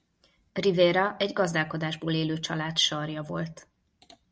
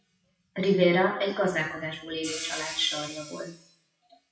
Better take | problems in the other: first | noise reduction (classical method WPE with log-MMSE)

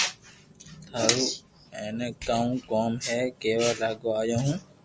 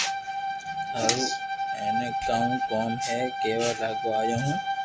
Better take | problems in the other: first | background sound (Bowed string instrument); as loud as the speech

